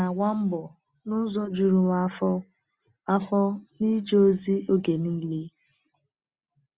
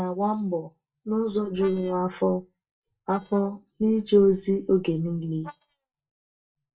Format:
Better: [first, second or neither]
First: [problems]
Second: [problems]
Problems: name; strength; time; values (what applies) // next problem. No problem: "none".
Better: first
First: none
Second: noise reduction (neural mask model DeepFilterNet 3)